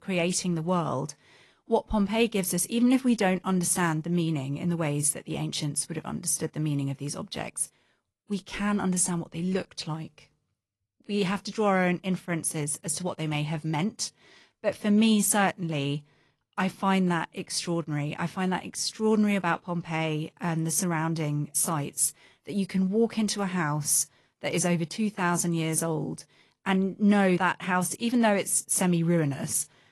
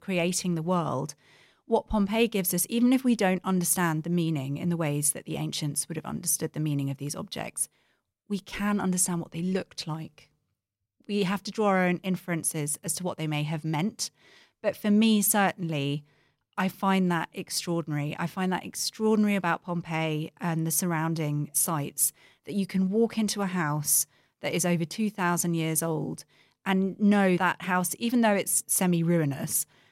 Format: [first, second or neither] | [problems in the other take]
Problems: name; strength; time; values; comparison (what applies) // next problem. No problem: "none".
second | garbled, watery; slightly; nothing above 11.5 kHz